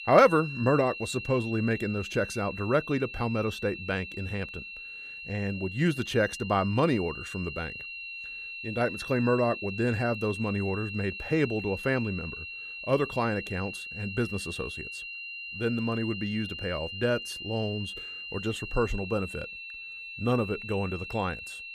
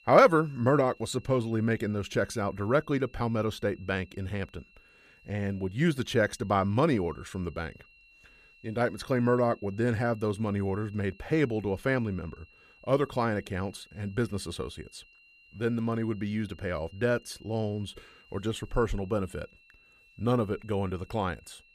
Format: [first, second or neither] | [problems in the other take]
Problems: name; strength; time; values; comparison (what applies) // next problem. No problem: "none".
second | high-pitched whine; loud; throughout; 2.5 kHz, 8 dB below the speech; faint in the second